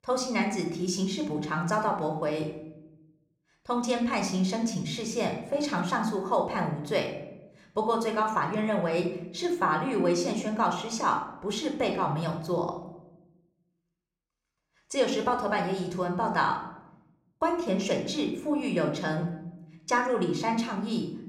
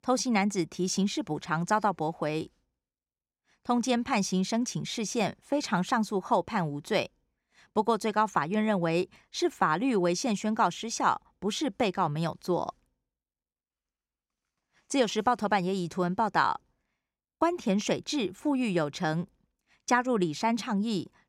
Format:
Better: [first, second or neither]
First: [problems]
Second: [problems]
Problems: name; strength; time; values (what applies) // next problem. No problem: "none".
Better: second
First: room echo; slight; dies away in 0.7 s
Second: none